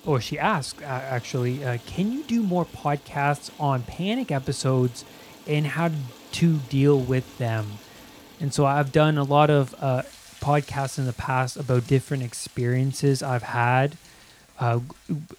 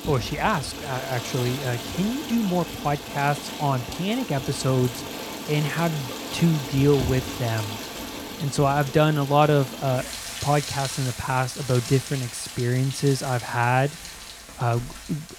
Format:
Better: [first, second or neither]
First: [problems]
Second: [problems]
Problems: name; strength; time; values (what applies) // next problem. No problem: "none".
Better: first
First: rain or running water; faint; throughout; 20 dB below the speech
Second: rain or running water; loud; throughout; 9 dB below the speech